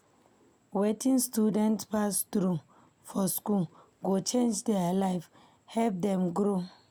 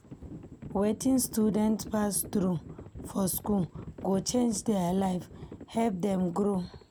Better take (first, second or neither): first